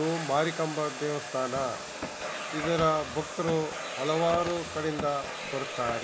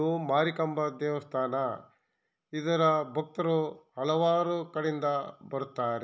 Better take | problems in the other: second | background sound (Domestic sounds, home sounds); 7 dB below the speech

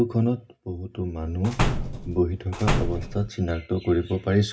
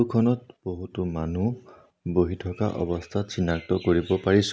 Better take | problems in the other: second | background sound (Slam); 1 dB below the speech // room echo; dies away in 0.4 s

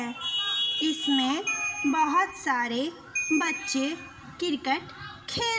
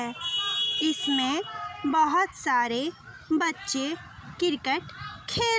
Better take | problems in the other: second | background sound (Ringtone / Bell); 5 dB below the speech // room echo; dies away in 2.8 s

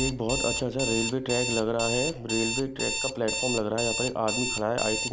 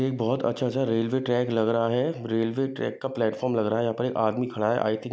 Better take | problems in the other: second | background sound (Alarm); 2 dB below the speech

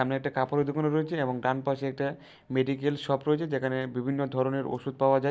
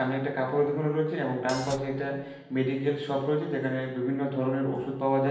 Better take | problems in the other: first | background sound (Hi-hat); 14 dB below the speech // room echo; dies away in 0.9 s

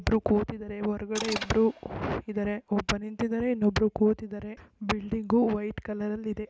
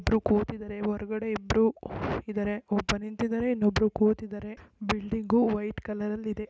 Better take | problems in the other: second | background sound (Mechanisms); 13 dB below the speech

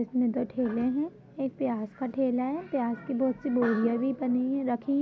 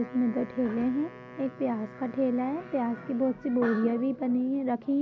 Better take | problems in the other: first | background sound (Wind instrument, woodwind instrument); 19 dB below the speech

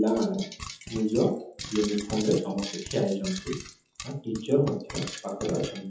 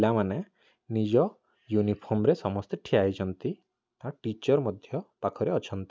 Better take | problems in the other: second | noise reduction (classical method WPE with log-MMSE)

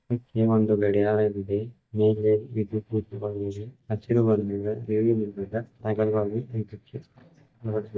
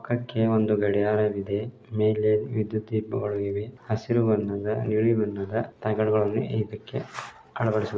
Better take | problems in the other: second | noise reduction (neural mask model DeepFilterNet 3)

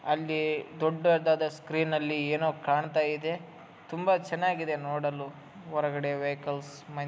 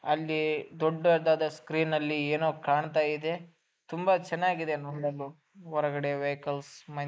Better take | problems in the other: first | noise reduction (neural mask model Resemble Enhance denoiser)

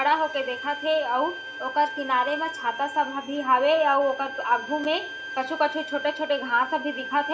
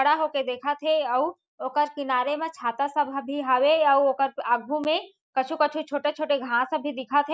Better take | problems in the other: second | background sound (Bowed string instrument); 10 dB below the speech // room echo; dies away in 0.7 s

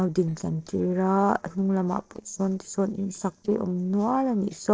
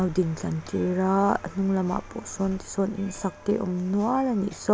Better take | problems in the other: second | noise reduction (neural separator model SepFormer DNS4)

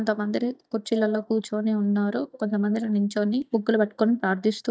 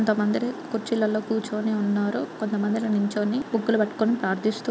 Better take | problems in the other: second | noise reduction (neural mask model DeepFilterNet 3)

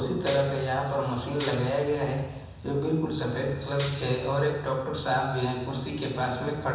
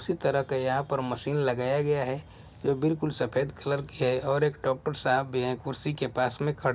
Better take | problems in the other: second | background sound (Clapping); 16 dB below the speech // room echo; dies away in 1.1 s

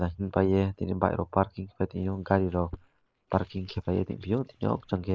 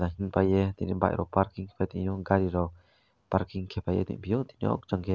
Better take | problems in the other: second | noise reduction (neural mask model Resemble Enhance denoiser)

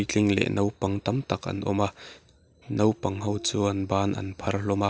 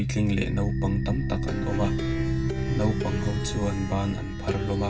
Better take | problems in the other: first | background sound (Plucked string instrument); 1 dB above the speech // room echo; dies away in 0.4 s

